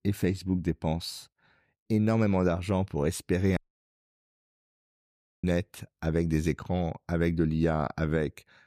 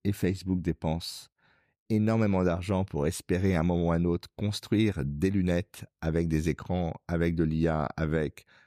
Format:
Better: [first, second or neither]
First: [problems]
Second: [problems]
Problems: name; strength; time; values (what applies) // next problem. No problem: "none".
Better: second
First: audio cutting out; at 3.5 s for 2 s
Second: none